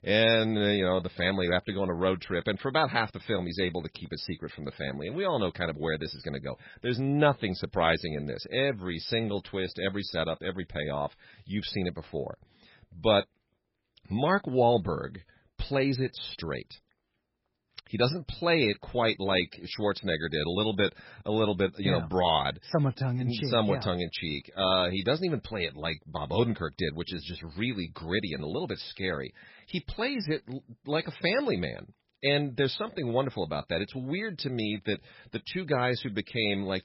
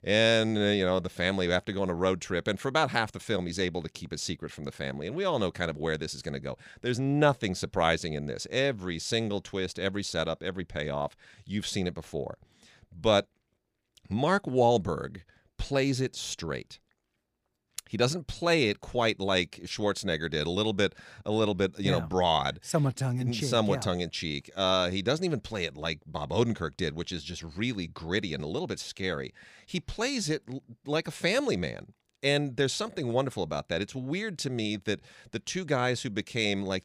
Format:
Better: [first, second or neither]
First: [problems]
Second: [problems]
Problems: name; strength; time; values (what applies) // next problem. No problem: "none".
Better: second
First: garbled, watery; badly; nothing above 5.5 kHz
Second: none